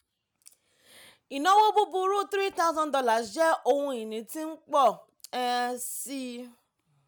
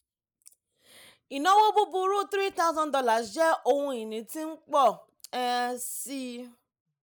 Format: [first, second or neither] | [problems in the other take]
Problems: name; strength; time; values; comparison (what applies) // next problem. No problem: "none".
first | noise reduction (neural mask model Resemble Enhance denoiser)